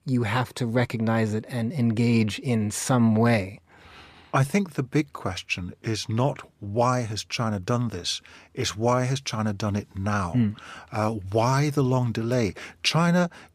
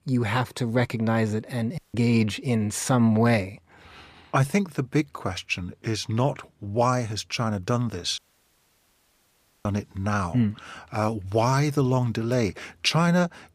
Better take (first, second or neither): first